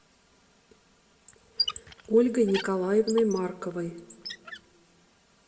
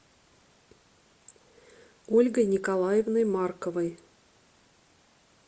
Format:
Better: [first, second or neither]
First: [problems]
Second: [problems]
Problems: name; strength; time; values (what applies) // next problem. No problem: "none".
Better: second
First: background sound (Squeak); 11 dB below the speech // room echo; dies away in 1.2 s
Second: none